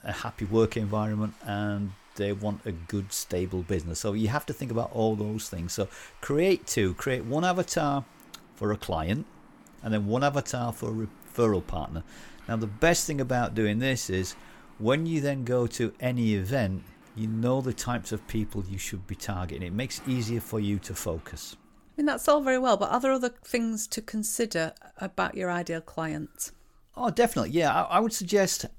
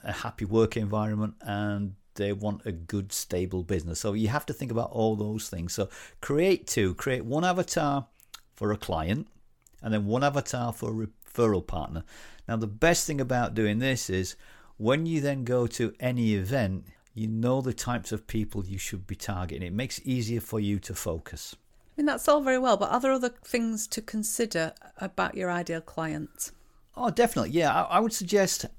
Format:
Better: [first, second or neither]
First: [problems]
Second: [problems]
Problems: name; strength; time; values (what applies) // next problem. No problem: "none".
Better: second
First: rain or running water; faint; until 21 s; 25 dB below the speech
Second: none